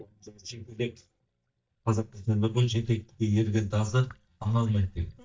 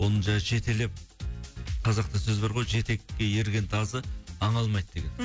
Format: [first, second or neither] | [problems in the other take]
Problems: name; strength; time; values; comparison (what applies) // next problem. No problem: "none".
second | noise reduction (neural mask model DeepFilterNet 3)